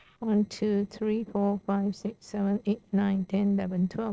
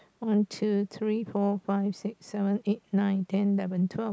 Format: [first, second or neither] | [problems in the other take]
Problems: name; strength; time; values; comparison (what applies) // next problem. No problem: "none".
second | noise reduction (neural separator model SepFormer DNS4)